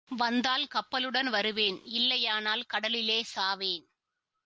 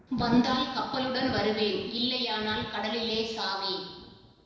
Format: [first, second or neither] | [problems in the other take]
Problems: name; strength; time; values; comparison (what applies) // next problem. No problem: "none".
first | background sound (Thunder); 13 dB below the speech // room echo; dies away in 1 s